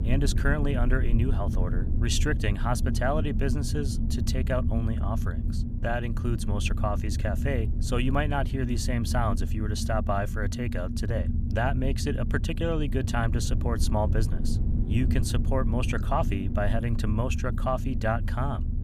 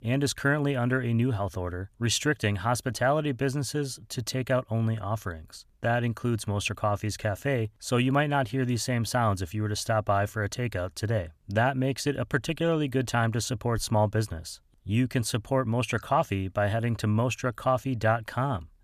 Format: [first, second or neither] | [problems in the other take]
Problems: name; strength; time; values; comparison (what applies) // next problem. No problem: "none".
second | low rumble; loud; throughout; 10 dB below the speech